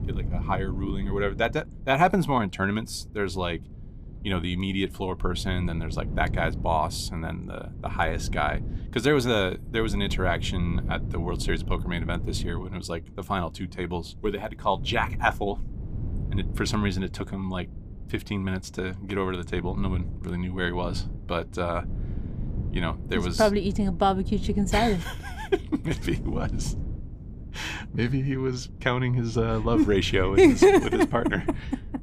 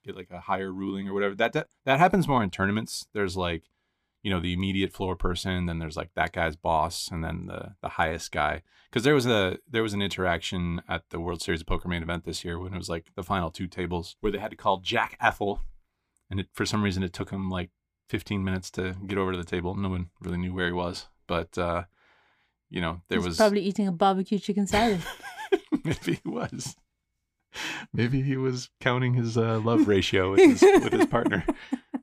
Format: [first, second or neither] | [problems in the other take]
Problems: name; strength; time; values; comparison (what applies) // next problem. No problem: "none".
second | wind noise on the microphone; occasional gusts; 20 dB below the speech